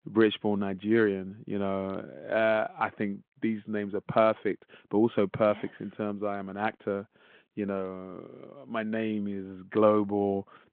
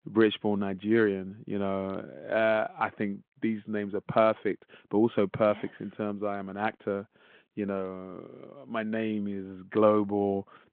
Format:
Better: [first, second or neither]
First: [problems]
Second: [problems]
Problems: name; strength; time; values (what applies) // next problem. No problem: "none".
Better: neither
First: phone-call audio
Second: phone-call audio